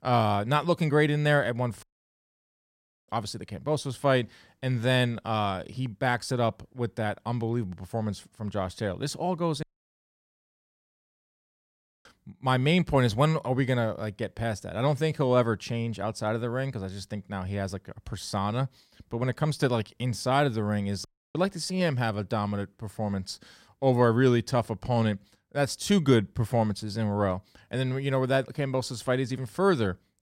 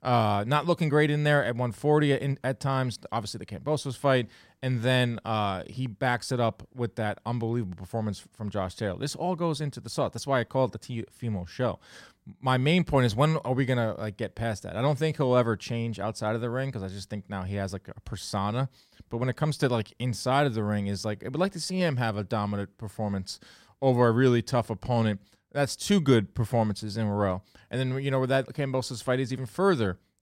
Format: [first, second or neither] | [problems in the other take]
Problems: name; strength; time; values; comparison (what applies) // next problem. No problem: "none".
second | audio cutting out; at 2 s for 1.5 s, at 9.5 s for 2.5 s and at 21 s